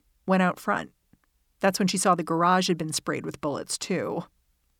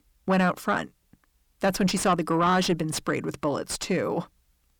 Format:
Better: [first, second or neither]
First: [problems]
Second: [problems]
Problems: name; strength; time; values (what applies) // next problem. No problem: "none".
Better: first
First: none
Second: distortion; slight; 10 dB below the speech